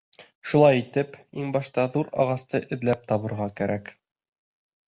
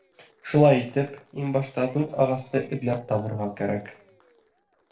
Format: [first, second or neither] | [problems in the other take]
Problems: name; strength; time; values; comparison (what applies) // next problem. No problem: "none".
first | noise reduction (neural separator model SepFormer DNS4)